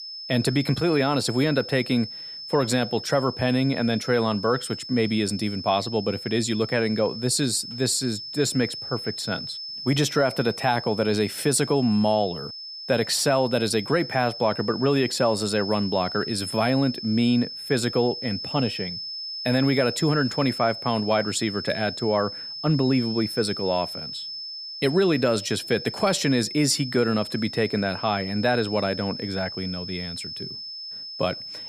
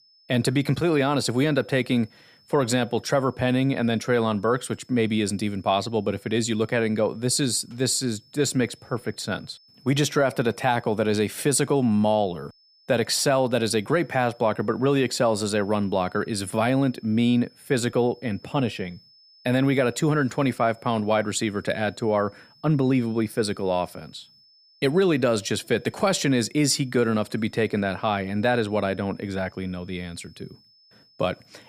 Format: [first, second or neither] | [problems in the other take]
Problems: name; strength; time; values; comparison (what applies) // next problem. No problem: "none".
second | high-pitched whine; loud; throughout; 5 kHz, 9 dB below the speech; faint in the second